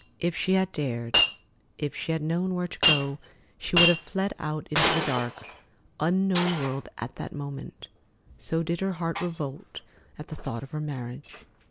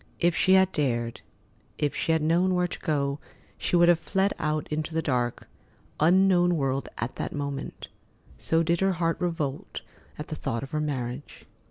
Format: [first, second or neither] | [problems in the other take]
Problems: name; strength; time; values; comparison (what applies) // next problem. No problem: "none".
second | background sound (Shatter); 3 dB below the speech